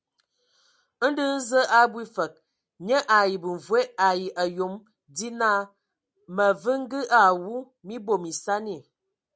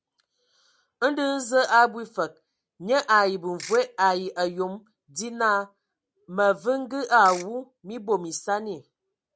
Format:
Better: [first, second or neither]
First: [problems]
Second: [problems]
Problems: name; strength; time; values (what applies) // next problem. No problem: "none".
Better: first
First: none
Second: background sound (Ratchet, pawl / Percussion); 15 dB below the speech